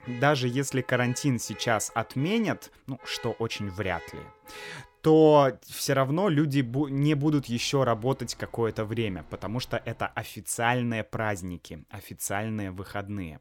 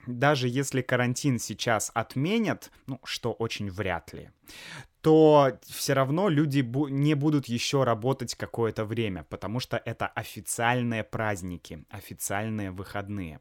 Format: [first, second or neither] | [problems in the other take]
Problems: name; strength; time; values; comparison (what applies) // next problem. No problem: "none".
second | traffic noise; faint; until 10 s; 20 dB below the speech